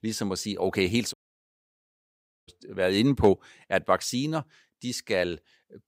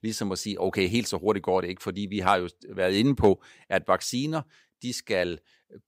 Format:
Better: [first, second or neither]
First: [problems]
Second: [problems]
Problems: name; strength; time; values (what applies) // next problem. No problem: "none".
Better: second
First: audio cutting out; at 1 s for 1.5 s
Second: none